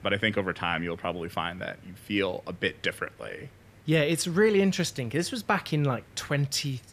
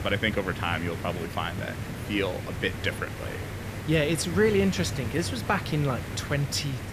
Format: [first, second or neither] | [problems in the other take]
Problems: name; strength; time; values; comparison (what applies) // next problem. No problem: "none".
first | hiss; loud; throughout; 7 dB below the speech; faint in the first